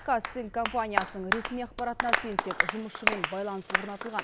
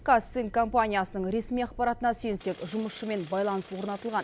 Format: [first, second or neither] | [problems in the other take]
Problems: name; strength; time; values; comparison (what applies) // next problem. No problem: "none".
second | background sound (Applause); 2 dB above the speech